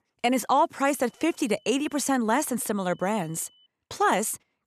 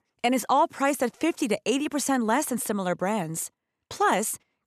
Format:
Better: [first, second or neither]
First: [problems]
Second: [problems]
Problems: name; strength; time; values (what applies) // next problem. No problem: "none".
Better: second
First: high-pitched whine; faint; from 1 to 2 s and at 3 s; 3 kHz, 35 dB below the speech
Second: none